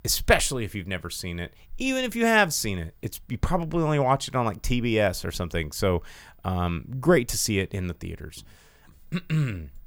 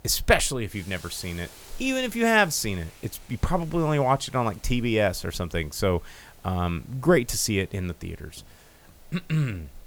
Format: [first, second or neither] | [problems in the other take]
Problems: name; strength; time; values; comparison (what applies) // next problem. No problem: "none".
first | hiss; faint; throughout; 25 dB below the speech